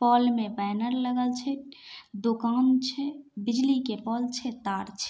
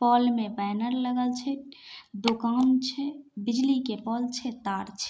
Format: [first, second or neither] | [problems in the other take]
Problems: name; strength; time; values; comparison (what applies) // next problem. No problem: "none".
first | noise reduction (neural mask model Resemble Enhance denoiser)